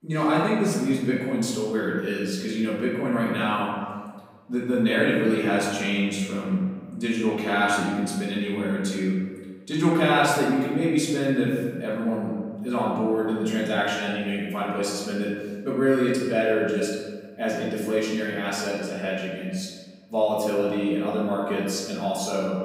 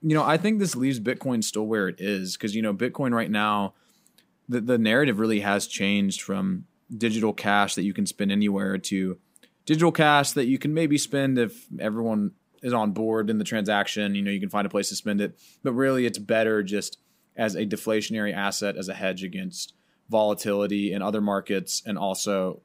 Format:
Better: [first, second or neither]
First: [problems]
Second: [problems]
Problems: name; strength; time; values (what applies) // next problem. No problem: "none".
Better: second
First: off-mic speech; far // room echo; noticeable; dies away in 1.4 s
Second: none